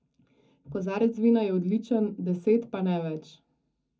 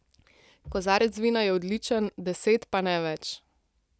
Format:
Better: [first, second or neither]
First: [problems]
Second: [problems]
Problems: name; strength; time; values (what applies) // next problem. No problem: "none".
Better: second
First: room echo; dies away in 0.3 s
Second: none